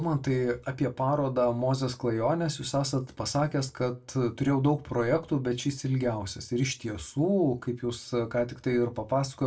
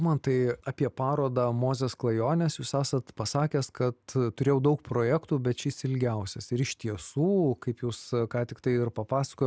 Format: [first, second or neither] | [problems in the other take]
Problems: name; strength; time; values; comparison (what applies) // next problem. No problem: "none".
second | room echo; dies away in 0.2 s